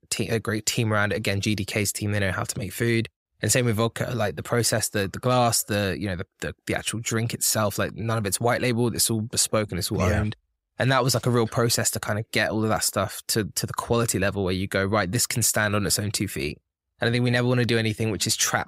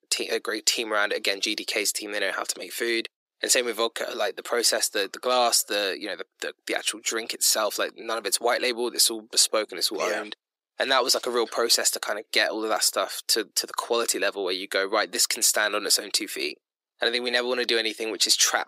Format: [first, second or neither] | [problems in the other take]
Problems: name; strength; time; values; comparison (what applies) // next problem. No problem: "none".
first | thin; very; fading below 300 Hz